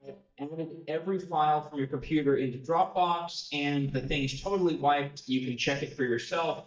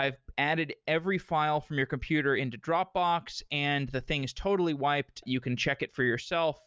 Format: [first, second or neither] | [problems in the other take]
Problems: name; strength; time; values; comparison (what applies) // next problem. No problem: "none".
second | noise reduction (neural mask model DeepFilterNet 3)